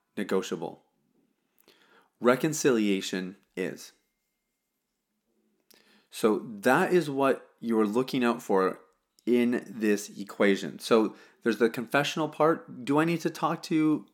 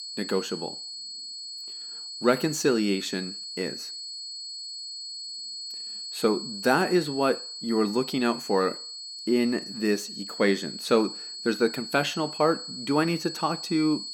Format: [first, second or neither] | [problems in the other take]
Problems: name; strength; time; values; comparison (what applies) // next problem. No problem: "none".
first | high-pitched whine; loud; throughout; 4.5 kHz, 8 dB below the speech